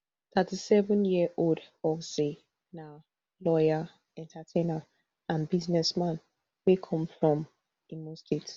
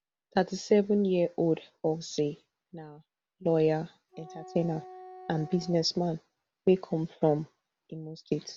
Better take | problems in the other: first | background sound (Wind instrument, woodwind instrument); 19 dB below the speech

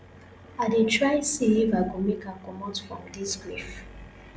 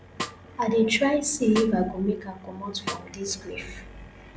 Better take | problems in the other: first | background sound (Snare drum); 13 dB below the speech

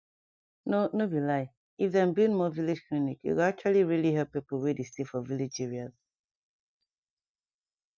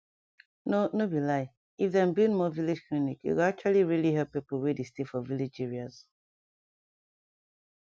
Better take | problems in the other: second | noise reduction (neural mask model DeepFilterNet 3)

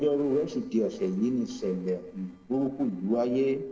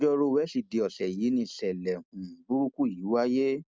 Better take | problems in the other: second | noise reduction (neural separator model SepFormer DNS4)

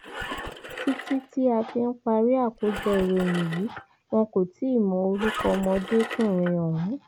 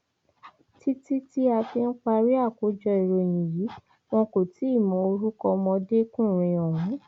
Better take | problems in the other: second | background sound (Engine); 12 dB below the speech

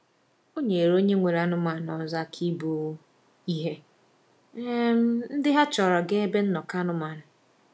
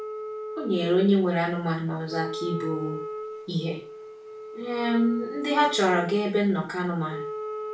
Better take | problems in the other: first | background sound (Wind instrument, woodwind instrument); 10 dB below the speech // room echo; dies away in 0.3 s

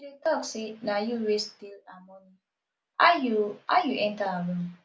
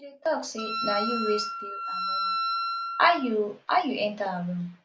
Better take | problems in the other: first | background sound (Wind instrument, woodwind instrument); 3 dB below the speech

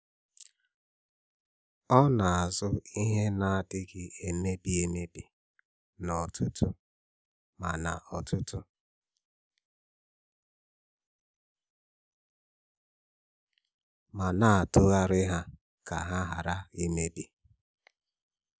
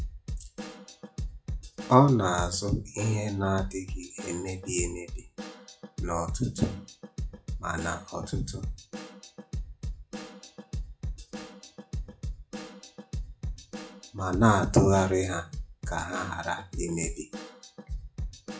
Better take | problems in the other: first | noise reduction (classical method WPE with log-MMSE)

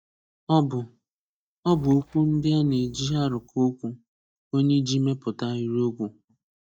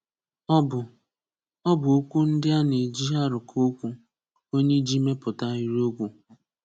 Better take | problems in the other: second | noise reduction (neural mask model DeepFilterNet 3)

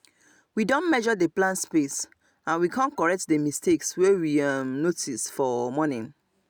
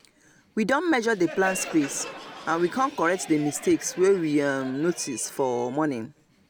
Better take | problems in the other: first | background sound (Crowd); 16 dB below the speech

